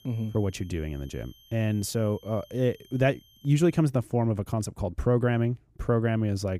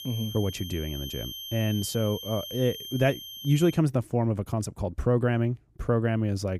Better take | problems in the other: first | high-pitched whine; loud; until 3.5 s; 3 kHz, 10 dB below the speech; faint in the first

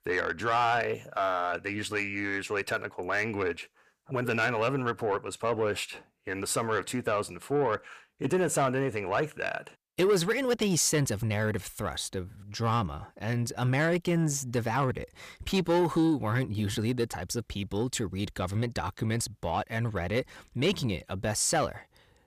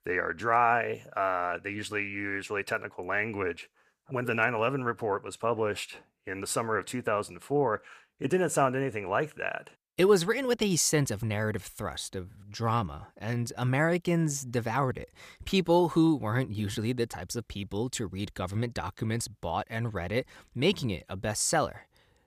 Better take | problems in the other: second | distortion; slight; 10 dB below the speech

